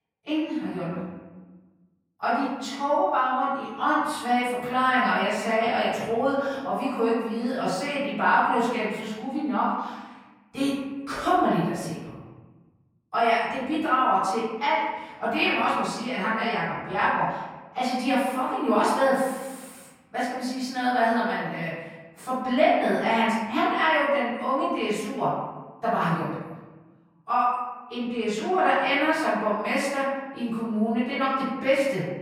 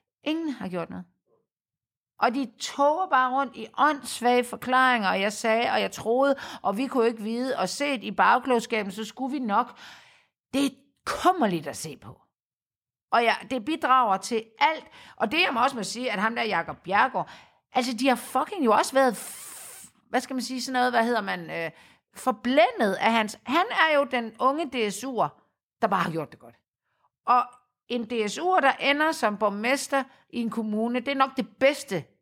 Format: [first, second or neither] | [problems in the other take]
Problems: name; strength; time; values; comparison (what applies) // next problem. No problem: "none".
second | off-mic speech; far // room echo; noticeable; dies away in 1.1 s